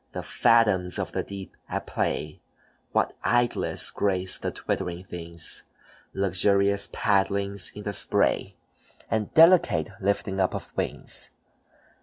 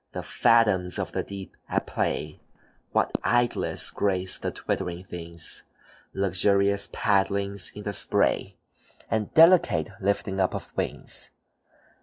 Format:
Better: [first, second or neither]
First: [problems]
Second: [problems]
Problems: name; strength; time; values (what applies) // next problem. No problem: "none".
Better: first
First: none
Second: noise reduction (neural mask model Resemble Enhance denoiser)